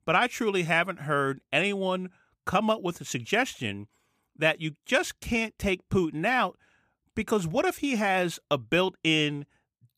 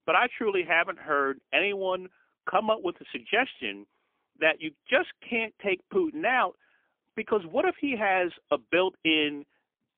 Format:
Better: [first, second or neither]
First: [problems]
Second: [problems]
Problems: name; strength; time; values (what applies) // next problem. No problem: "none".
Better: first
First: none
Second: phone-call audio; poor line; nothing above 3.5 kHz